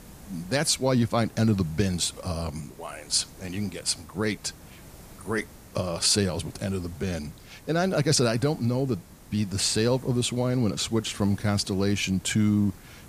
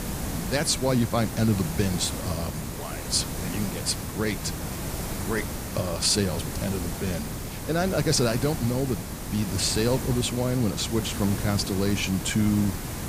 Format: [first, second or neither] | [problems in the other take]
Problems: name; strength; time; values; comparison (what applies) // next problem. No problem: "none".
first | hiss; loud; throughout; 6 dB below the speech; faint in the first